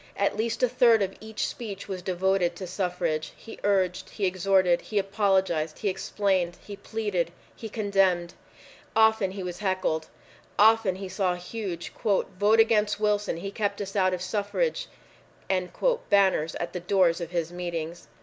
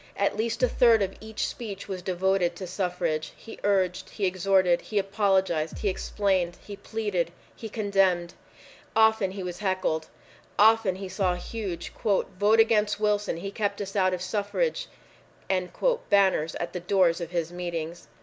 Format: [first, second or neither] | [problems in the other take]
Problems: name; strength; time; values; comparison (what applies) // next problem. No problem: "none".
first | background sound (Bass drum); 14 dB below the speech